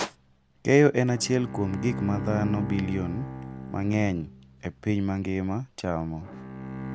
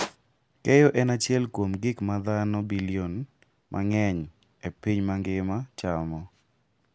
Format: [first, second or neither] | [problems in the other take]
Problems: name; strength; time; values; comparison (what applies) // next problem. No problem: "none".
second | background sound (Bowed string instrument); 9 dB below the speech